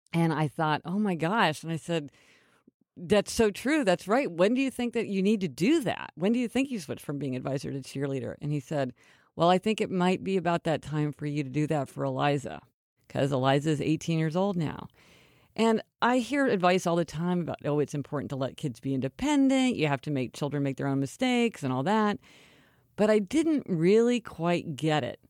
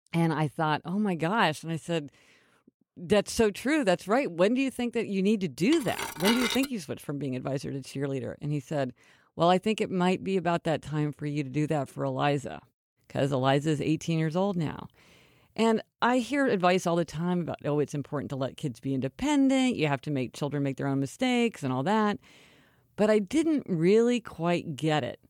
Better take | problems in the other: first | clattering dishes; loud; at 5.5 s; peak level with the speech

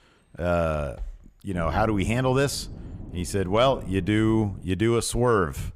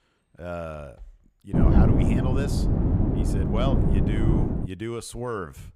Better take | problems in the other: first | wind noise on the microphone; heavy; from 1.5 to 4.5 s; 3 dB above the speech; occasional gusts in the first

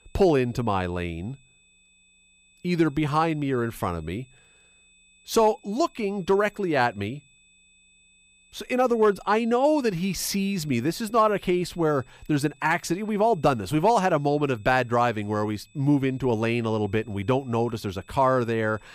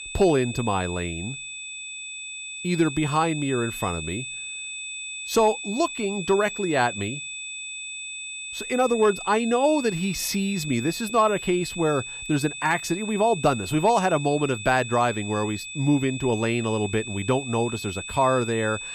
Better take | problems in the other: first | high-pitched whine; loud; throughout; 2.5 kHz, 9 dB below the speech; faint in the first

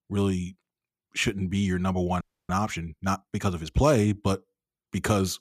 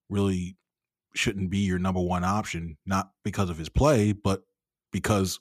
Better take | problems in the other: second | audio freezing; at 2 s

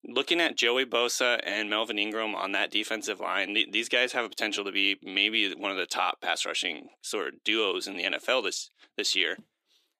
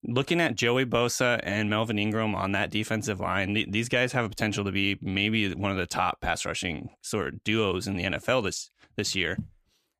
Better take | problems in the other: second | thin; somewhat; fading below 300 Hz

